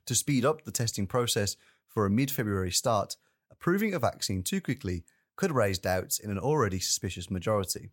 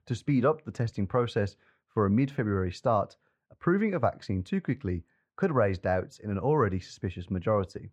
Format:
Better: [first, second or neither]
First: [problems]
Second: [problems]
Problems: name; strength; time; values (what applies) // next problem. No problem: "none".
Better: first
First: none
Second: muffled; very; fading above 1.5 kHz